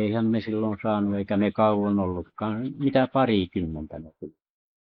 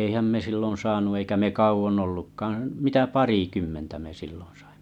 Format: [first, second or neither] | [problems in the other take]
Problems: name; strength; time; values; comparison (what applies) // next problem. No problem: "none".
second | noise reduction (neural mask model Resemble Enhance denoiser)